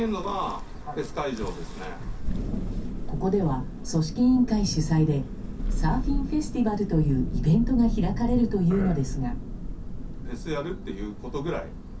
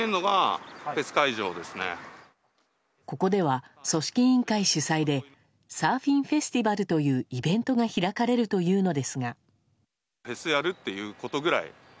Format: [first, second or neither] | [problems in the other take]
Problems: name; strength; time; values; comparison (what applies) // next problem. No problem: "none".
second | background sound (Thunder); 4 dB below the speech // room echo; dies away in 0.3 s